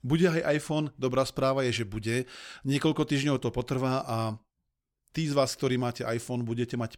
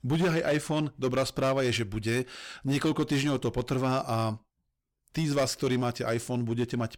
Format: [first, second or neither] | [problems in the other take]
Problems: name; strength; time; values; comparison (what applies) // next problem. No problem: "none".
first | distortion; slight; 9% of the sound clipped